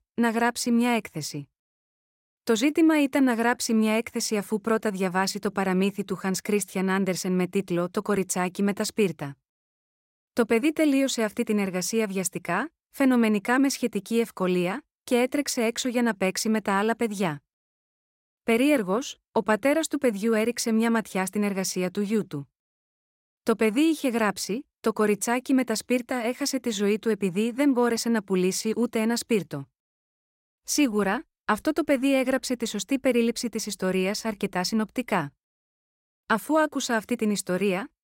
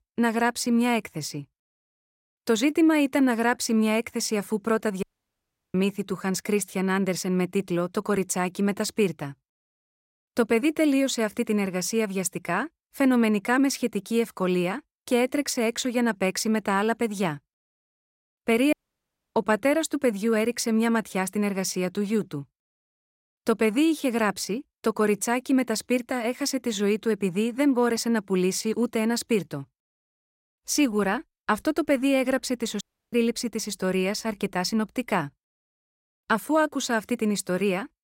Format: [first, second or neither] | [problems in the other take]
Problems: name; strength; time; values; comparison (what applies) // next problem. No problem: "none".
first | audio cutting out; at 5 s for 0.5 s, at 19 s for 0.5 s and at 33 s